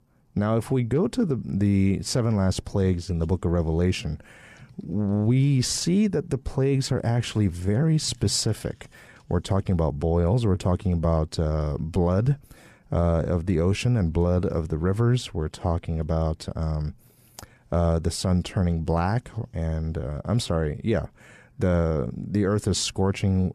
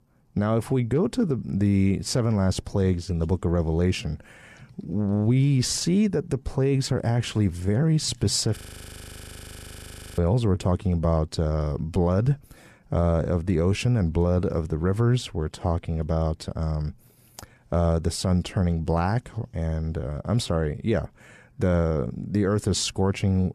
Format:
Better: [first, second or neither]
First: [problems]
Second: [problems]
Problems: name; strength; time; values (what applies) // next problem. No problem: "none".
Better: first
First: none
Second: audio freezing; at 8.5 s for 1.5 s